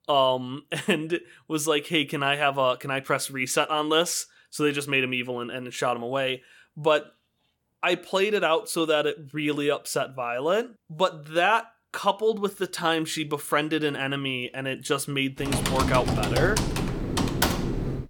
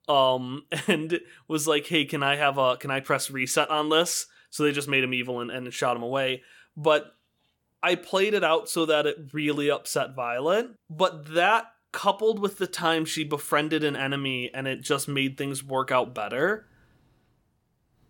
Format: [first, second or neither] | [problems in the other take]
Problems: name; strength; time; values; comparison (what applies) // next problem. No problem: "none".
second | keyboard typing; loud; from 15 s on; peak 2 dB above the speech